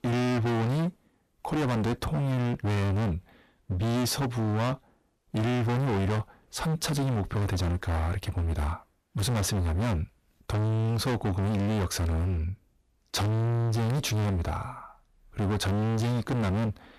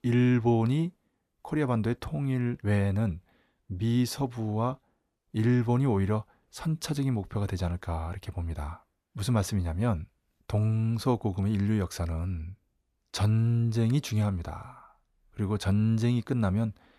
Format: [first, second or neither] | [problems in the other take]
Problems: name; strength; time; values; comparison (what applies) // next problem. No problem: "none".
second | distortion; heavy; 39% of the sound clipped